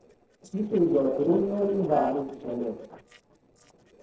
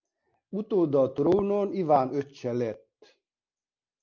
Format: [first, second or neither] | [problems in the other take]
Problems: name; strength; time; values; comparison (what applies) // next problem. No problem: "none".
second | noise reduction (neural separator model SepFormer DNS4)